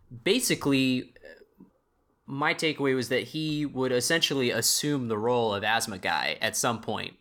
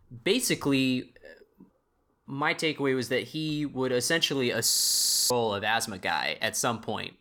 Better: first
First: none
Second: audio freezing; at 4.5 s for 0.5 s

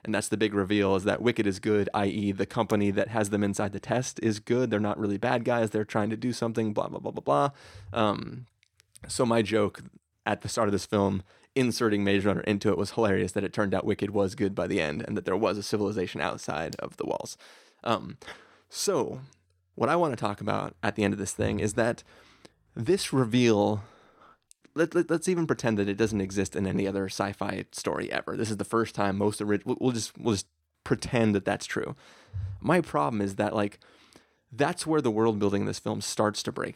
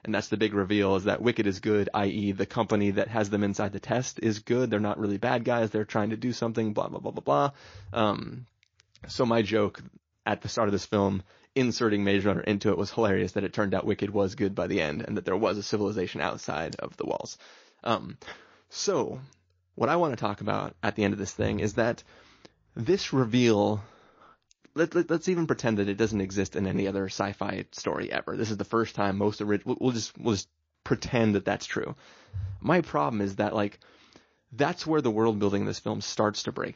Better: first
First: none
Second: garbled, watery; slightly; nothing above 6.5 kHz

